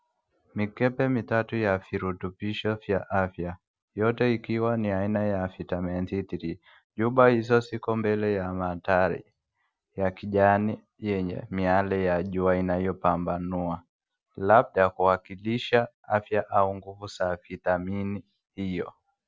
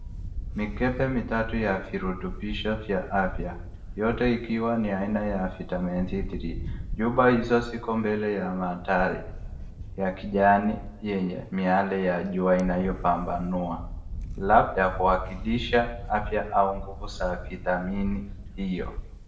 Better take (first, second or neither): first